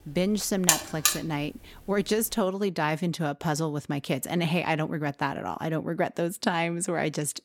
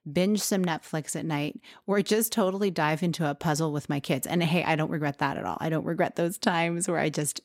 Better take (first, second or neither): second